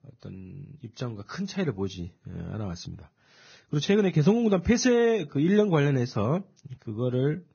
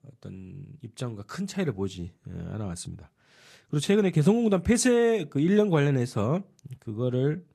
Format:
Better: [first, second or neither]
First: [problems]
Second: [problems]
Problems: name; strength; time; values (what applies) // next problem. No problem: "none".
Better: second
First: garbled, watery; badly; nothing above 6.5 kHz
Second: garbled, watery; slightly; nothing above 12.5 kHz